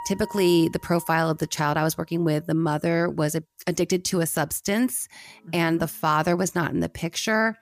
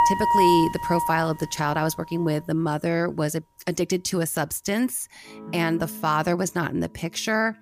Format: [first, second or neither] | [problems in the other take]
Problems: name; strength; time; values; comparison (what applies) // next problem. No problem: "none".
first | background music; loud; throughout; 1 dB below the speech; faint in the first